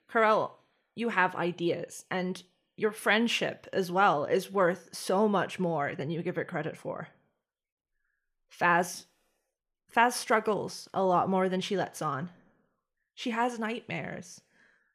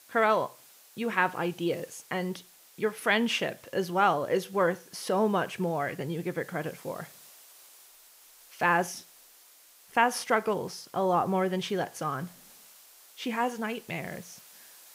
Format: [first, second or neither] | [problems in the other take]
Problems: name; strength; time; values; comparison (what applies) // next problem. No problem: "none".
first | hiss; faint; throughout; 25 dB below the speech